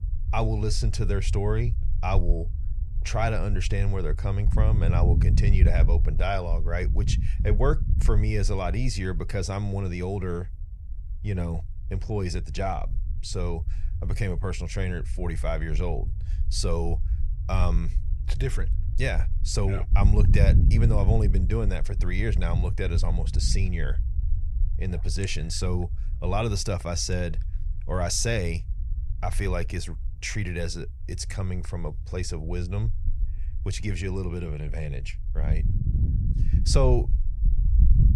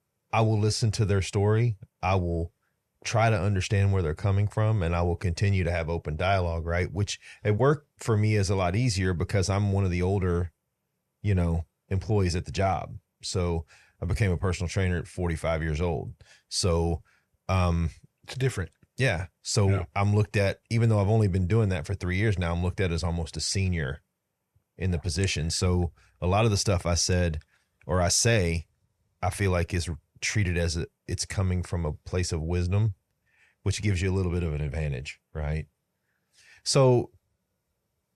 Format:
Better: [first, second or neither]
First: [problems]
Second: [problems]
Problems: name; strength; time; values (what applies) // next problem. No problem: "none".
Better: second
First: low rumble; noticeable; throughout; 10 dB below the speech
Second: none